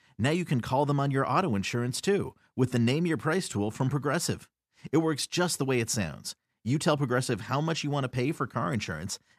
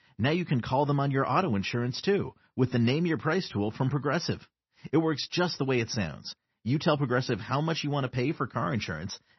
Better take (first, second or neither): first